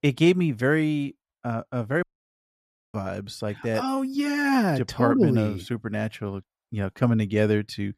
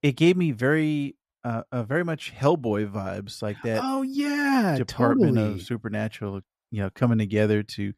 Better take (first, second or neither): second